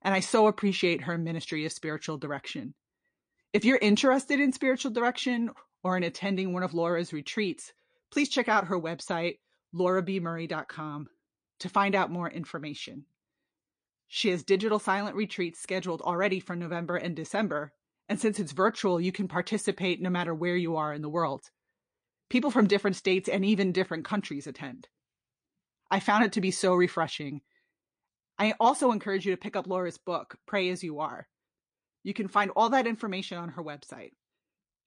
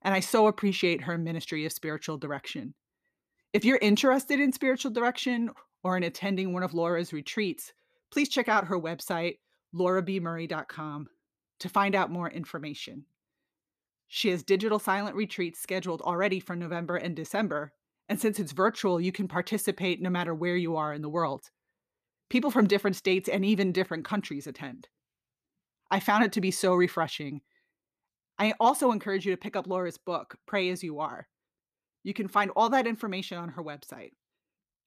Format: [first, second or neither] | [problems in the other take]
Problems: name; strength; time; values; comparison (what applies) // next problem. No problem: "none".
second | garbled, watery; slightly; nothing above 9 kHz